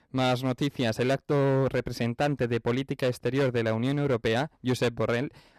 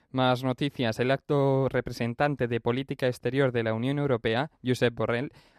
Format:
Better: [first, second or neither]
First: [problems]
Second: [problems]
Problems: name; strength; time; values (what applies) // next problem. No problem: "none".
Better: second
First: distortion; slight; 9% of the sound clipped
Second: none